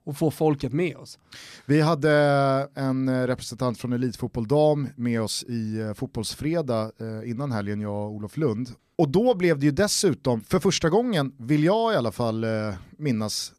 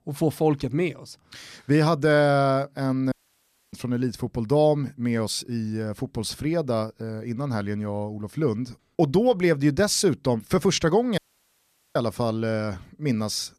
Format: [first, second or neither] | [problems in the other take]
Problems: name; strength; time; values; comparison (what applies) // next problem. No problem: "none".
first | audio cutting out; at 3 s for 0.5 s and at 11 s for 1 s